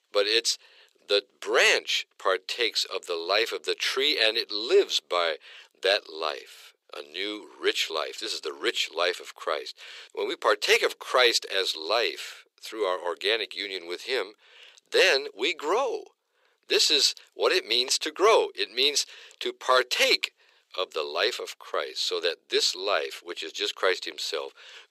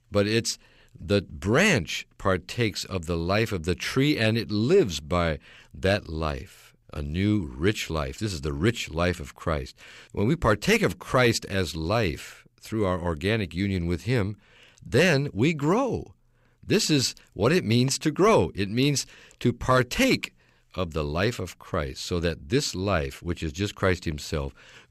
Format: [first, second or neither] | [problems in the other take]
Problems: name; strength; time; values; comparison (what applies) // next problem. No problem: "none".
second | thin; very; fading below 400 Hz